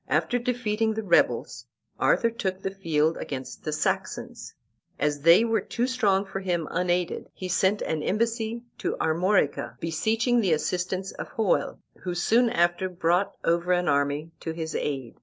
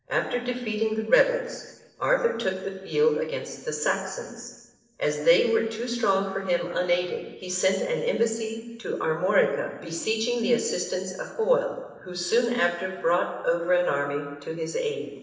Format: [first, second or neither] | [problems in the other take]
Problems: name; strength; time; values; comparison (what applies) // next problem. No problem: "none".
first | room echo; dies away in 1.1 s